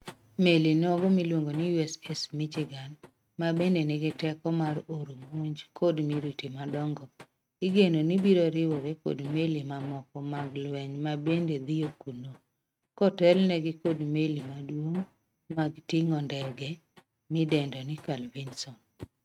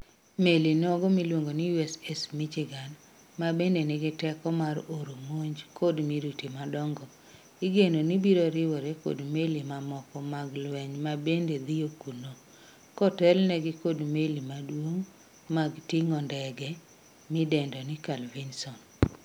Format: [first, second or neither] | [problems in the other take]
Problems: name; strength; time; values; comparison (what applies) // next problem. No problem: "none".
second | noise reduction (neural mask model RNNoise)